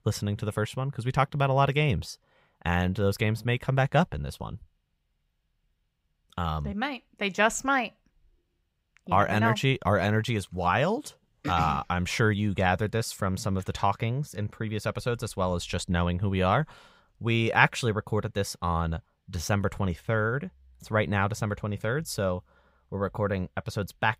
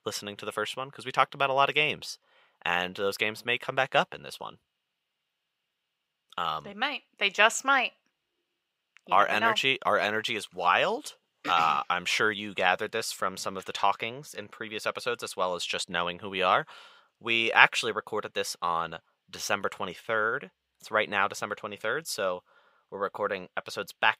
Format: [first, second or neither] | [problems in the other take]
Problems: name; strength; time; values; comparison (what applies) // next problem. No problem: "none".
first | thin; very; fading below 400 Hz